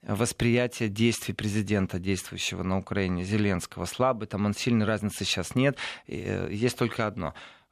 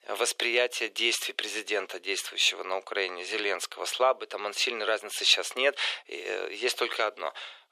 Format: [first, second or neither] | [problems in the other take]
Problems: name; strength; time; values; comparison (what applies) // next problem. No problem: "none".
first | thin; very; fading below 400 Hz